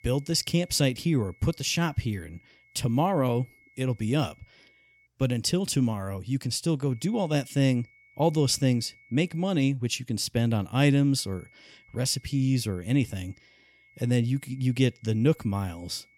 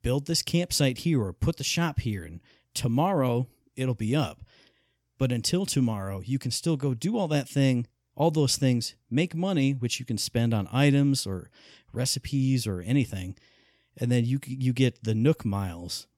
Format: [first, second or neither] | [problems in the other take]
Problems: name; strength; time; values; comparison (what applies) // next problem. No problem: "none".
second | high-pitched whine; faint; until 5 s, from 7 to 9.5 s and from 11 s on; 2 kHz, 30 dB below the speech